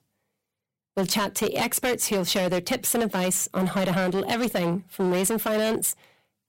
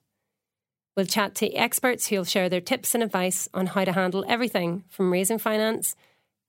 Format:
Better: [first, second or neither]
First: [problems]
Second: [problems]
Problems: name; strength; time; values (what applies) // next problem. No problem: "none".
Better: second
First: distortion; heavy; 14% of the sound clipped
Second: none